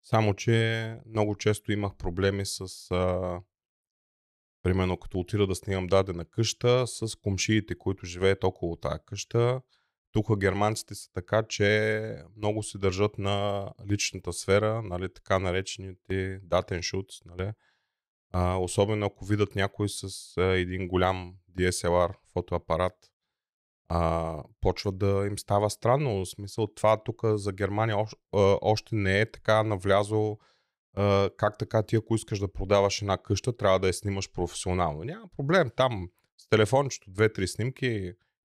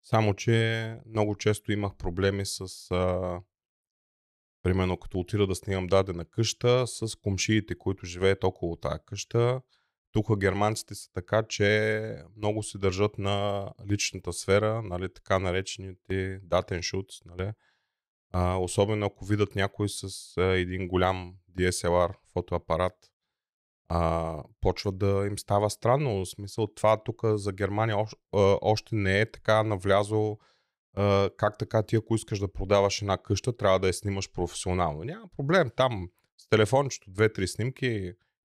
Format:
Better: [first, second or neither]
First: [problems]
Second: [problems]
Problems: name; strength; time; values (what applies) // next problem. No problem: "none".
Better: neither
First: none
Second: none